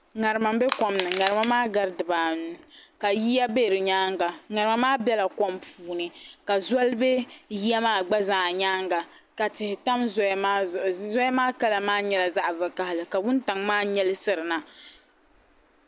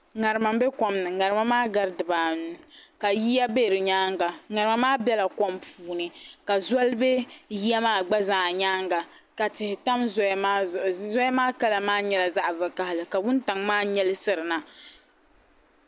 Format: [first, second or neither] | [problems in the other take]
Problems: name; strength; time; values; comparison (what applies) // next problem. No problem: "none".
second | background sound (Crushing); 8 dB below the speech